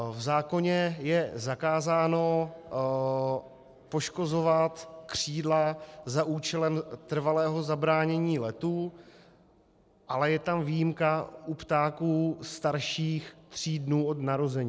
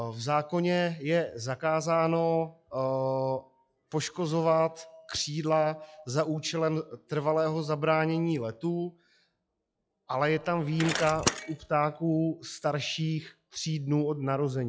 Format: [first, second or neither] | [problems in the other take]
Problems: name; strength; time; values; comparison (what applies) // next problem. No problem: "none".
first | noise reduction (classical method log-MMSE)